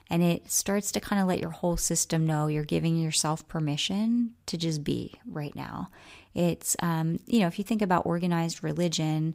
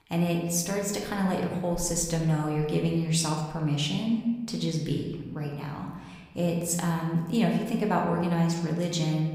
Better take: first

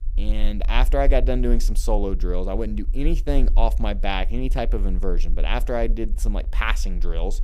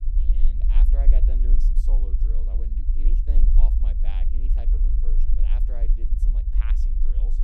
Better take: first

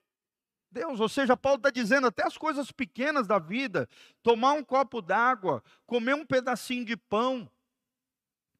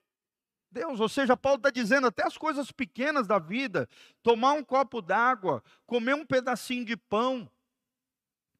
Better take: neither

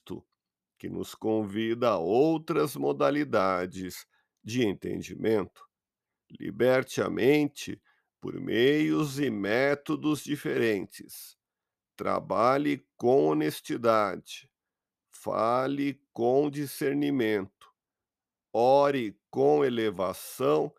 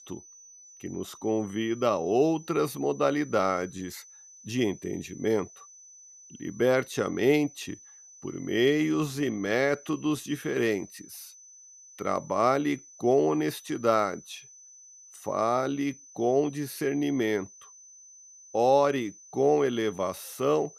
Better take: first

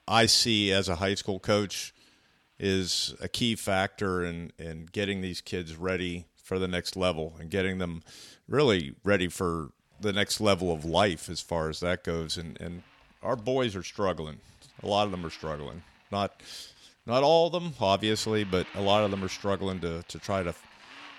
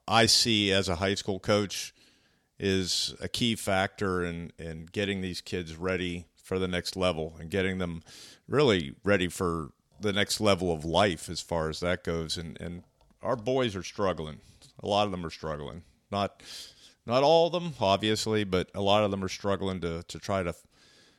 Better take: second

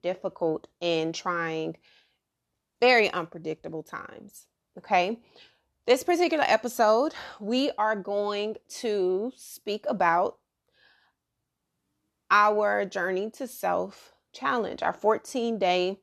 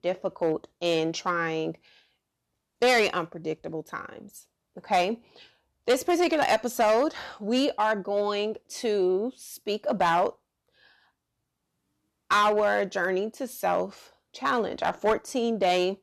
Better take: first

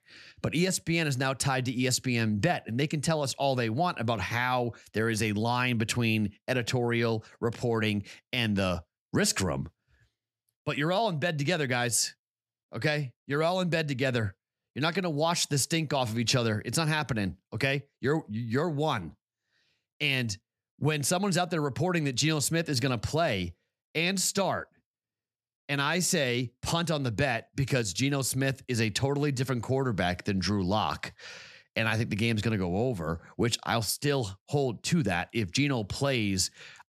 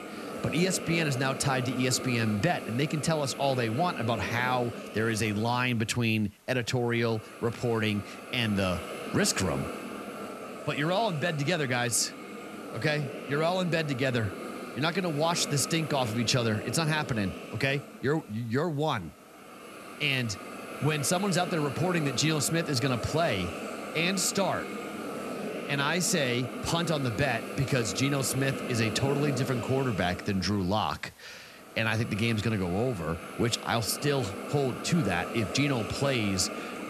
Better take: first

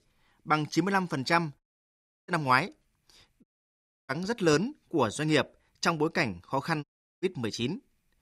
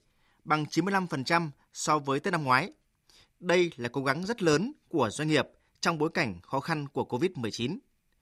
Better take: second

